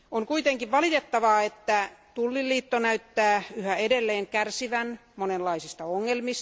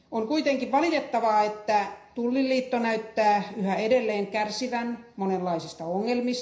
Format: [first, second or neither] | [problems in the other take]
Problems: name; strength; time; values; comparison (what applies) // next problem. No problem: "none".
first | room echo; dies away in 0.5 s